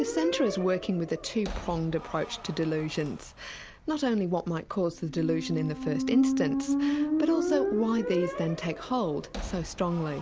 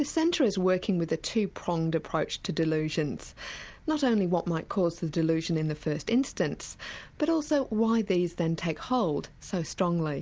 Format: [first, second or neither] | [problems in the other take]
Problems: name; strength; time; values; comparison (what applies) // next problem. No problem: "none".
second | background sound (Squeak); 3 dB below the speech